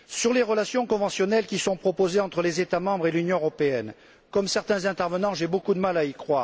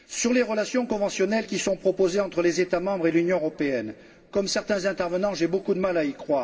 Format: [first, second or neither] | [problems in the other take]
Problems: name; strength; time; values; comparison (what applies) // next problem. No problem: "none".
first | room echo; dies away in 2 s